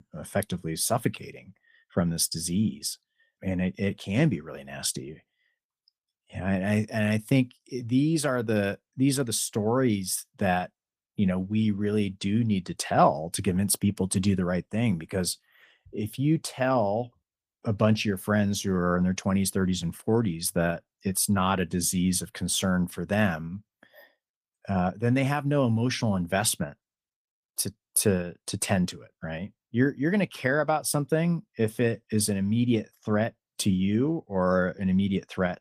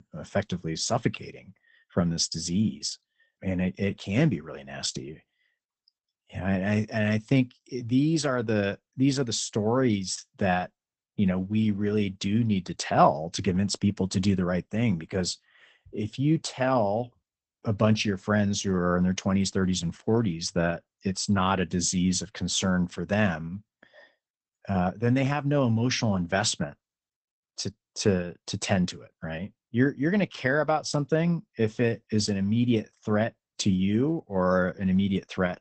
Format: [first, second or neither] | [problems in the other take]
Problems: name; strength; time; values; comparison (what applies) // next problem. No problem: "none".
first | garbled, watery; badly; nothing above 8 kHz; slightly in the first